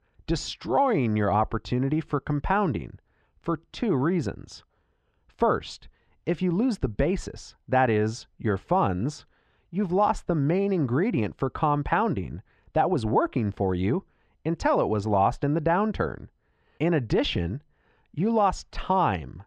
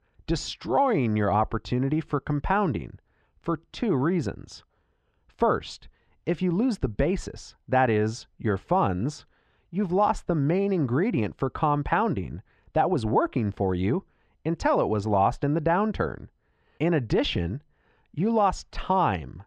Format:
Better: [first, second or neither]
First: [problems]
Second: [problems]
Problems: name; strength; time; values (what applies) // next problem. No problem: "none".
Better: neither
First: muffled; slightly; fading above 3 kHz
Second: muffled; slightly; fading above 3 kHz